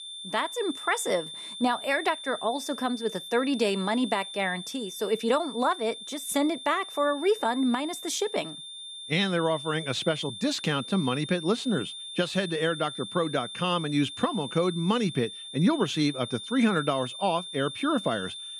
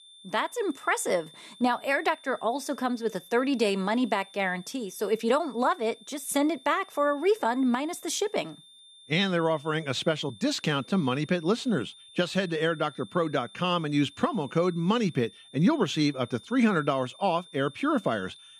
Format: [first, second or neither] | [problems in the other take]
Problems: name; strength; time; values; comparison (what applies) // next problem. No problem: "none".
second | high-pitched whine; loud; throughout; 3.5 kHz, 10 dB below the speech; faint in the second